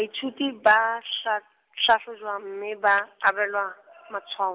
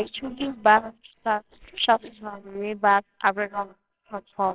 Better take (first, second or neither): first